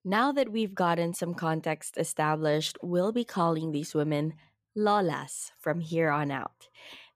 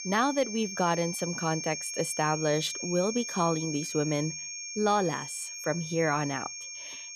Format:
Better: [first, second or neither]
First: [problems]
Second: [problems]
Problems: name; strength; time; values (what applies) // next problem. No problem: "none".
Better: first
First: none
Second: high-pitched whine; loud; throughout; 6.5 kHz, 6 dB below the speech